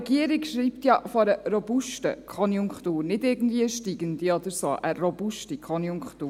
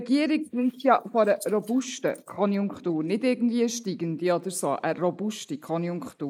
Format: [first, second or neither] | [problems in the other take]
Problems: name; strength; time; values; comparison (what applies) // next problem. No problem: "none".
first | noise reduction (neural mask model Resemble Enhance denoiser)